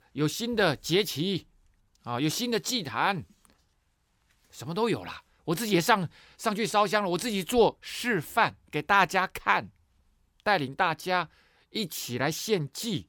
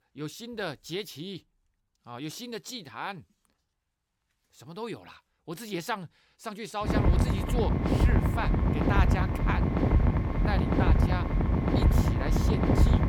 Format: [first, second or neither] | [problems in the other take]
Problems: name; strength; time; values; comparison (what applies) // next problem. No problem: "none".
first | wind noise on the microphone; heavy; from 7 s on; 3 dB above the speech